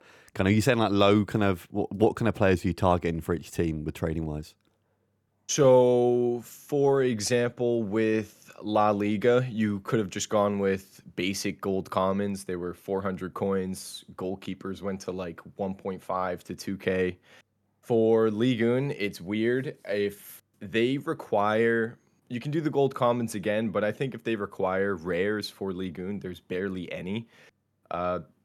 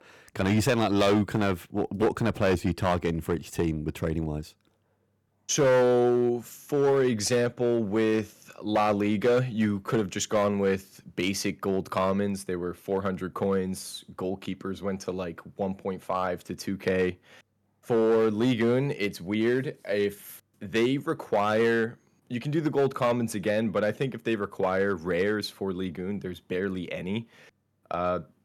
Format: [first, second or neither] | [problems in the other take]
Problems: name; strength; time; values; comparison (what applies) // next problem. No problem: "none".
first | distortion; slight; 4% of the sound clipped